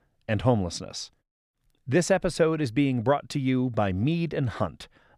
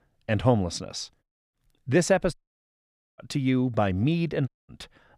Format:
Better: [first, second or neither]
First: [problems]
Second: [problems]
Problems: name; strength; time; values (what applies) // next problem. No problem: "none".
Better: first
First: none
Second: audio cutting out; at 2.5 s for 1 s and at 4.5 s